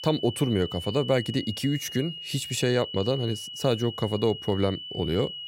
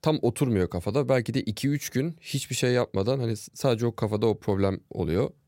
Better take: second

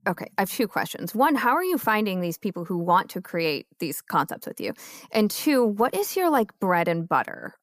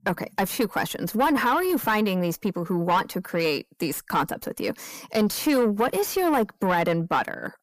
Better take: first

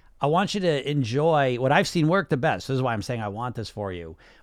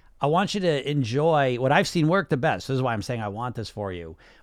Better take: neither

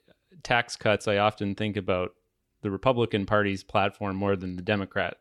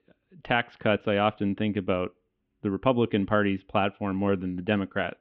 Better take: first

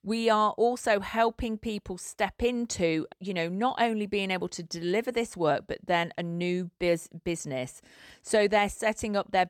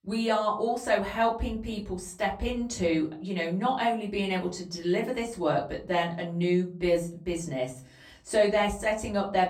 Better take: first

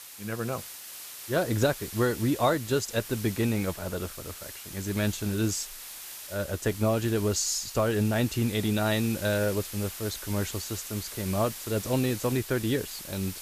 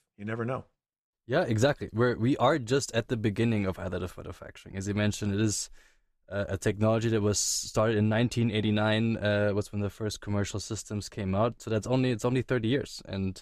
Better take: second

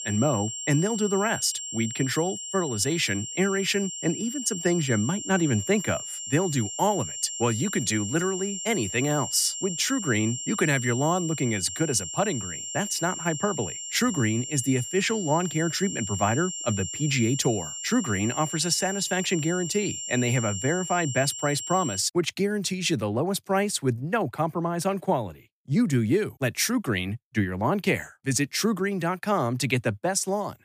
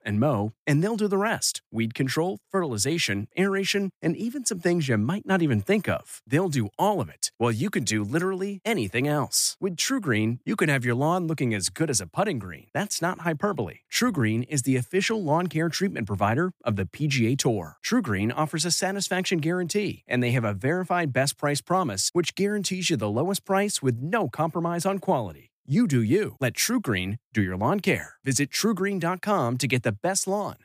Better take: second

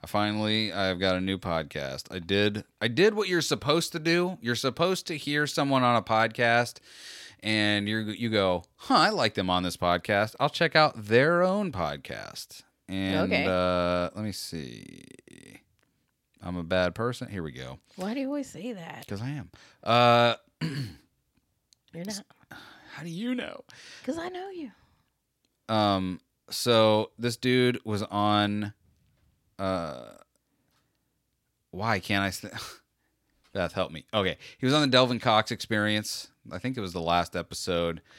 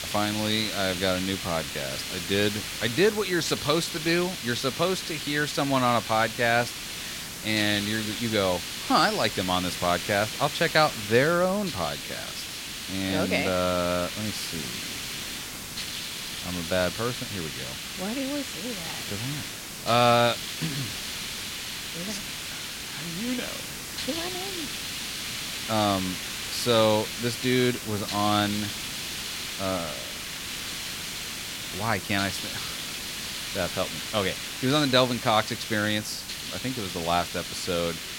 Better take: first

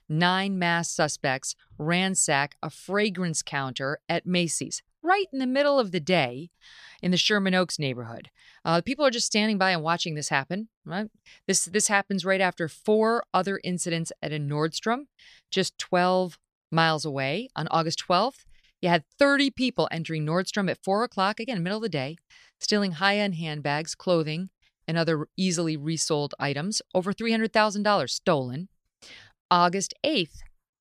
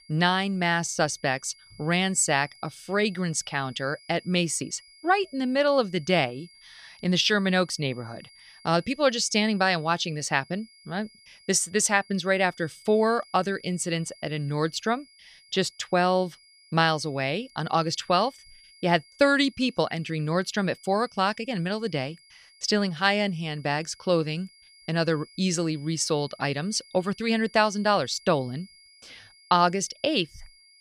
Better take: first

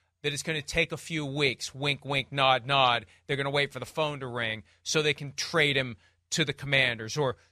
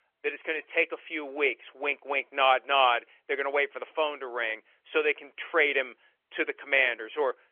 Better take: first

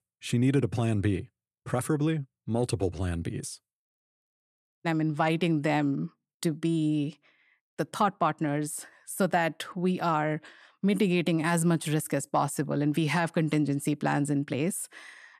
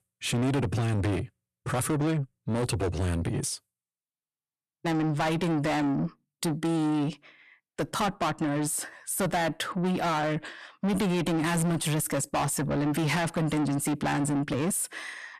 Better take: first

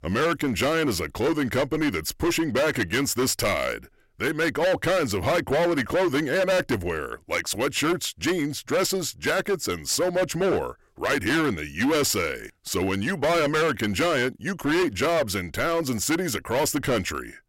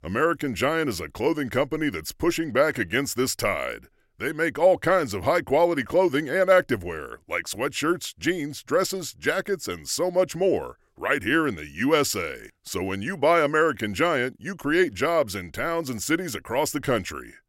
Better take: second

